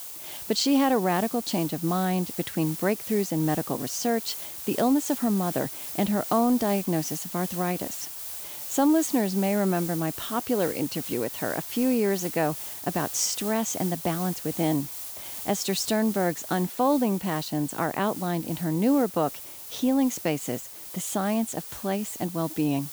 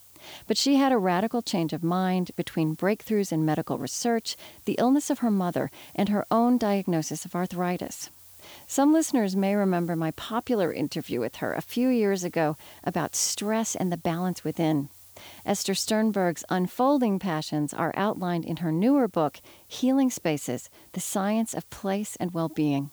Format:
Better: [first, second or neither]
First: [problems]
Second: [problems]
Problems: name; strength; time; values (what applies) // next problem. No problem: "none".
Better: second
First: hiss; loud; throughout; 8 dB below the speech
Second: hiss; faint; throughout; 25 dB below the speech